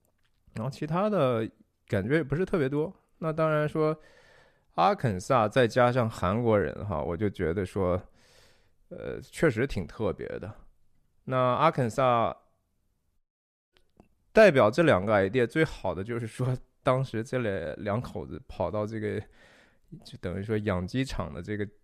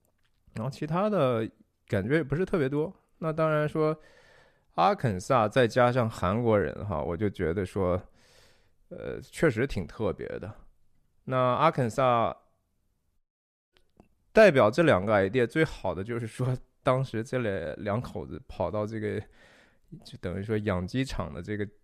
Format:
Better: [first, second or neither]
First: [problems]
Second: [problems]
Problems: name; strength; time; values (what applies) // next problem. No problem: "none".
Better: neither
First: audio cutting out; at 13 s for 0.5 s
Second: audio cutting out; at 13 s for 0.5 s